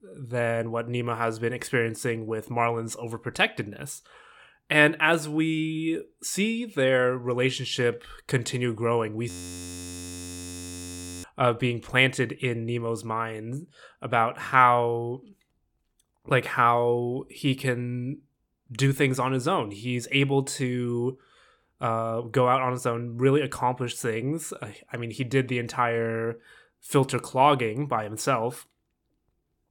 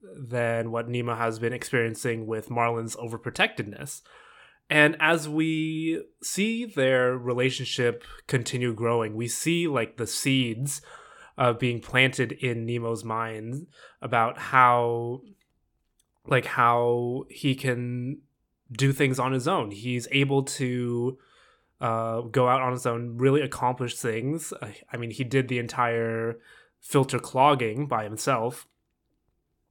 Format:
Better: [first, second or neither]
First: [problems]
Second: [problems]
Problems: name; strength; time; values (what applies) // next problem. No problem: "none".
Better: second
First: audio freezing; at 9.5 s for 2 s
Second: none